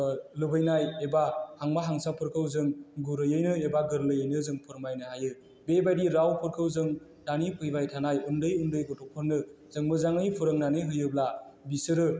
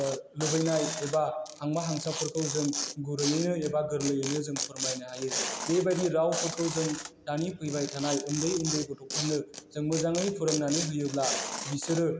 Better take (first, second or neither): first